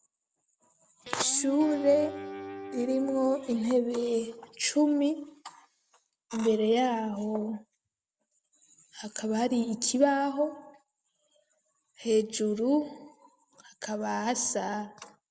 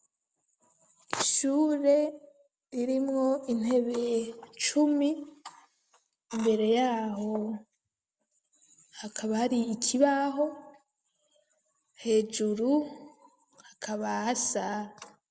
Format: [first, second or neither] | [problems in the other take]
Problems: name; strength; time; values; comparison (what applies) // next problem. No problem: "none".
second | background sound (Guitar); 11 dB below the speech